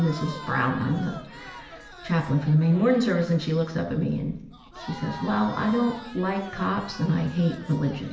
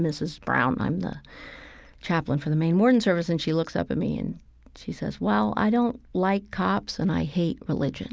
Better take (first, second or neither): second